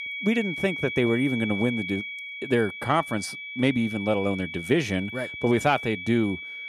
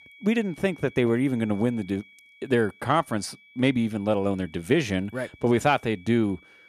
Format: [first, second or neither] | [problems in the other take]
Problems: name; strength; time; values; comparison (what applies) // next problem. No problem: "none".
second | high-pitched whine; loud; throughout; 2.5 kHz, 7 dB below the speech; faint in the second